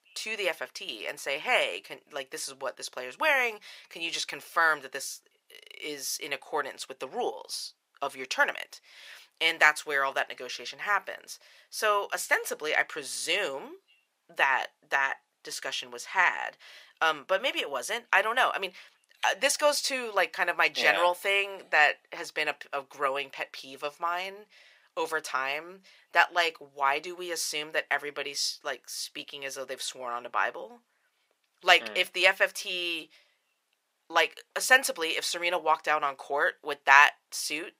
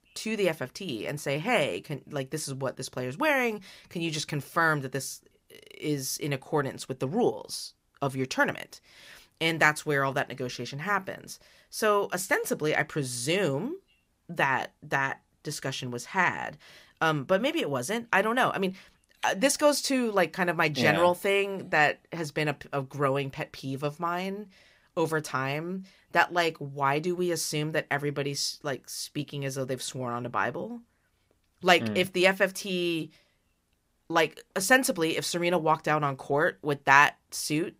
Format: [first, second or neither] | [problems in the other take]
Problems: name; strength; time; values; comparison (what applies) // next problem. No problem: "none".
second | thin; very; fading below 650 Hz